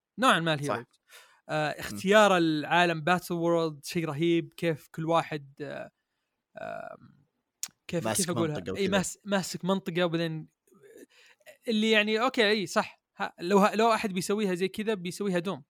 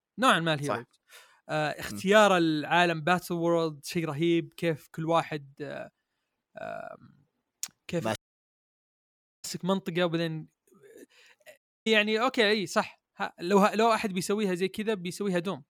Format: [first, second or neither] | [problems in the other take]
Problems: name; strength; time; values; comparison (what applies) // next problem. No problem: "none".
first | audio cutting out; at 8 s for 1.5 s and at 12 s